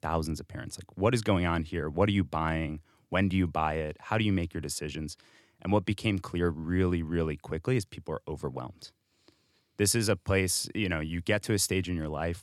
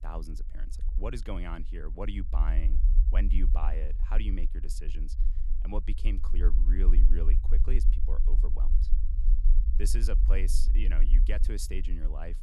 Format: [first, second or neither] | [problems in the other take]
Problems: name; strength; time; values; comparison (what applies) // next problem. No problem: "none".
first | low rumble; loud; throughout; 10 dB below the speech